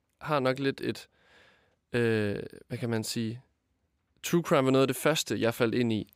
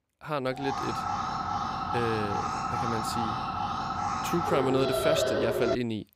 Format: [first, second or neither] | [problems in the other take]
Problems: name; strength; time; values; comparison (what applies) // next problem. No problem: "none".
first | alarm; loud; from 0.5 s on; peak 5 dB above the speech